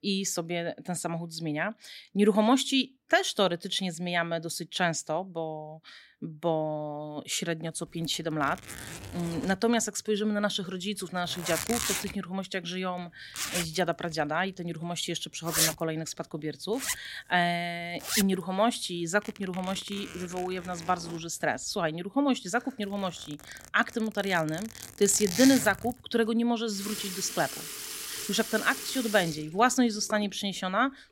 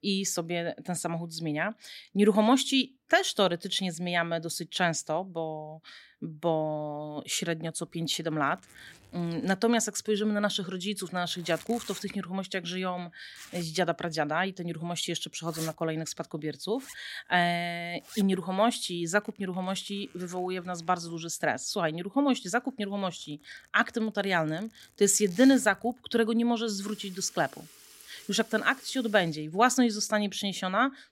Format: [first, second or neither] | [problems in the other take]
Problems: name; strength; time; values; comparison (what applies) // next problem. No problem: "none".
second | household noises; loud; from 7.5 s on; 5 dB below the speech; faint in the second